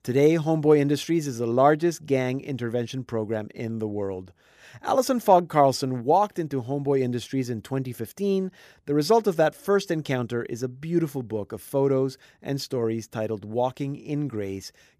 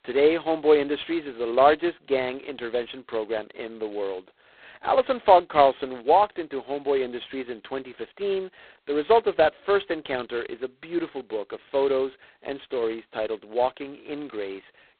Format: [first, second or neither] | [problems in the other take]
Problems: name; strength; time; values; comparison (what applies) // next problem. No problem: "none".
first | phone-call audio; poor line; nothing above 4 kHz